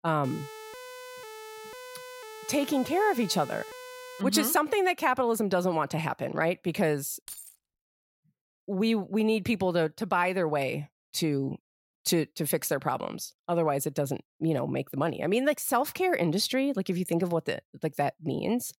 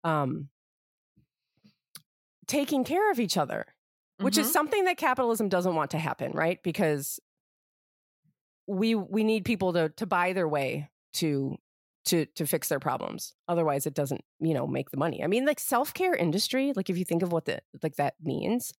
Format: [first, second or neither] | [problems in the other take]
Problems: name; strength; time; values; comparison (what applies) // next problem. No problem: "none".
second | siren; faint; until 4 s; peak 15 dB below the speech // jangling keys; faint; at 7.5 s; peak 15 dB below the speech